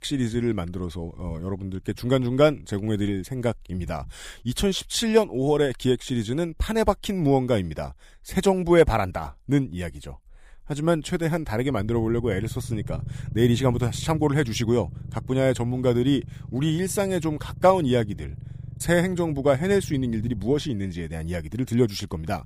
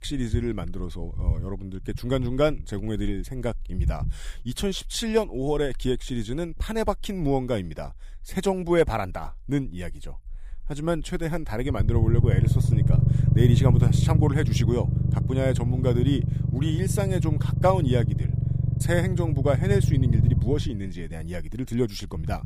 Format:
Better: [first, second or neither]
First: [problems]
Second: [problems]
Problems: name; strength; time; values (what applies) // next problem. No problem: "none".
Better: first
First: low rumble; faint; throughout; 25 dB below the speech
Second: low rumble; loud; throughout; 6 dB below the speech